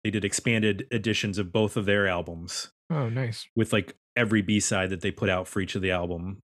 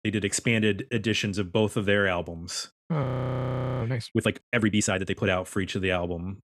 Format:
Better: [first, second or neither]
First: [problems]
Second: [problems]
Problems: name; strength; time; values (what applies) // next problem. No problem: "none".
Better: first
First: none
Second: audio freezing; at 3 s for 1 s